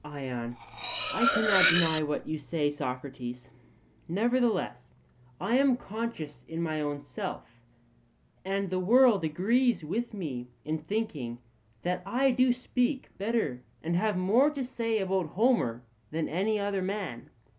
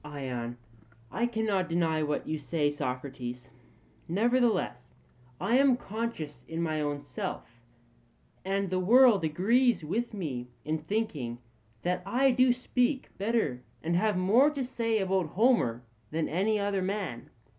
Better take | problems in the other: second | background sound (Cutlery, silverware); as loud as the speech

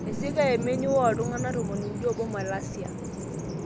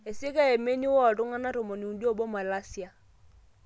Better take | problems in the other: second | background sound (Bird vocalization, bird call, bird song); 3 dB below the speech

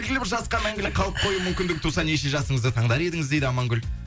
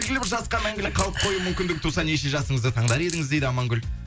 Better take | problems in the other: first | background sound (Coin (dropping)); 10 dB below the speech

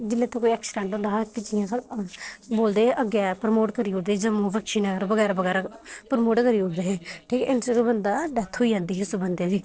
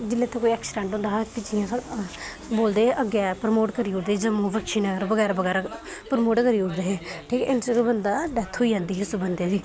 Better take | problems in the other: second | noise reduction (neural separator model SepFormer DNS4)

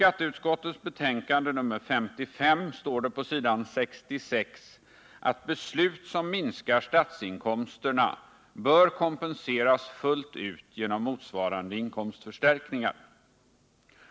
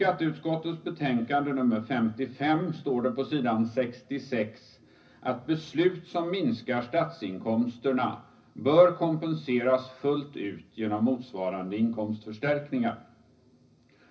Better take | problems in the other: first | room echo; dies away in 0.4 s

